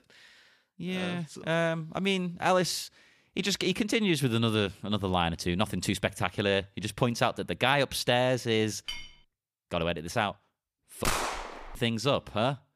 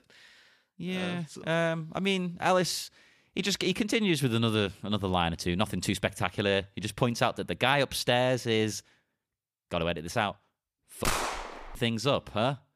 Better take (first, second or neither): second